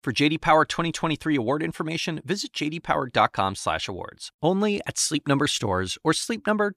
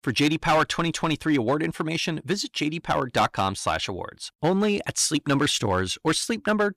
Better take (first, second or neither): first